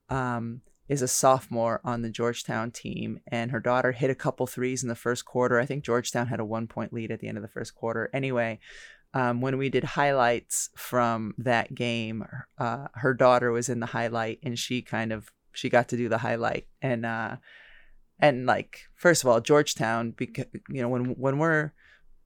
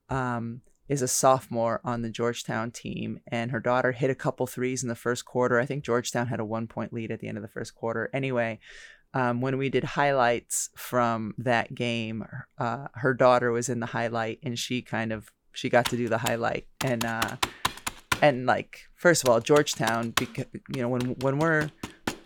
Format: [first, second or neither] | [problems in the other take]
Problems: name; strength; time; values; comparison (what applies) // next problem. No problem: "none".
first | keyboard typing; noticeable; from 16 s on; peak 2 dB below the speech